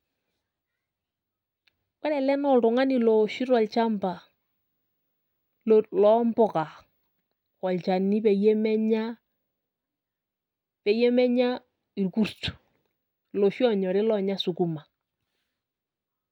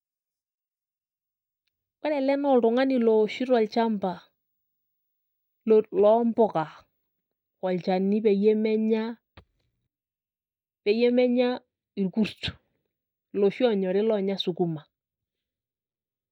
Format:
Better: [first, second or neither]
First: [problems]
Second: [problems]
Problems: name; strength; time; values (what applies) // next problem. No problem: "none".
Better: first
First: none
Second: noise reduction (neural mask model DeepFilterNet 3)